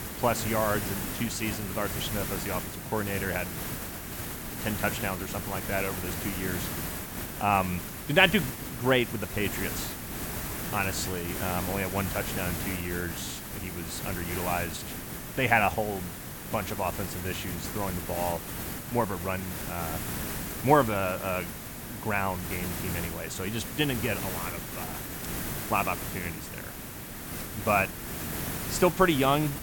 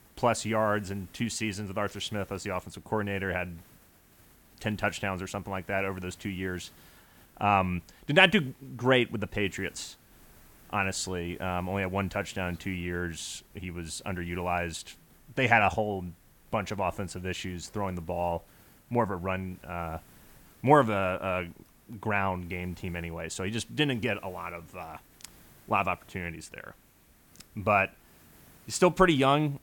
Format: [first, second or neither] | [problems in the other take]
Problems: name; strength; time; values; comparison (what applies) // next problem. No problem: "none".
second | hiss; loud; throughout; 5 dB below the speech; faint in the second